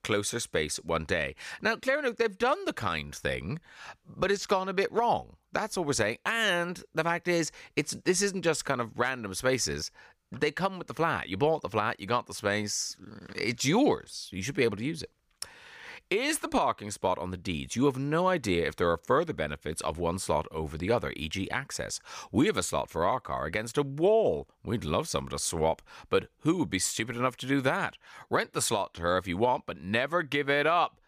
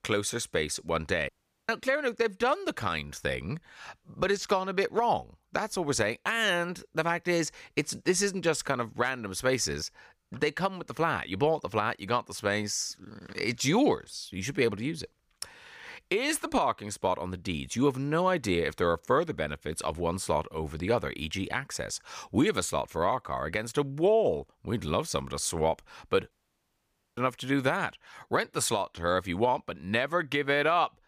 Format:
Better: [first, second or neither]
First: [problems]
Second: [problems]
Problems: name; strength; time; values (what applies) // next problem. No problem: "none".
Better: first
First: none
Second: audio cutting out; at 1.5 s and at 26 s for 1 s